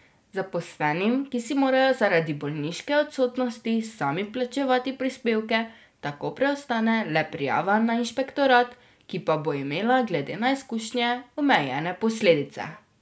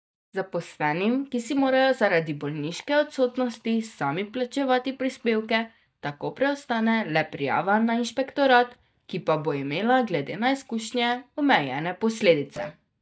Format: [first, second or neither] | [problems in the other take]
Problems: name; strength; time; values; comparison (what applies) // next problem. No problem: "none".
first | noise reduction (neural mask model DeepFilterNet 3)